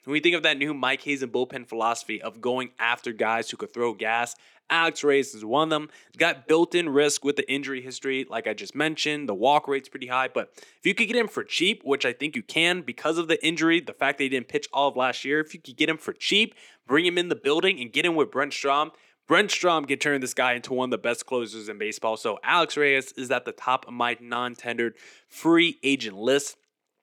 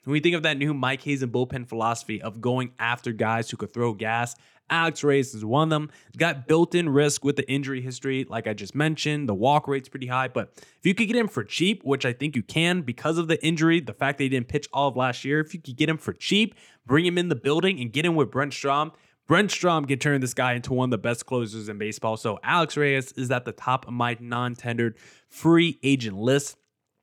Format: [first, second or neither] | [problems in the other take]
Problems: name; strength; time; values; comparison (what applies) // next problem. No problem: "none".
second | thin; very slightly; fading below 350 Hz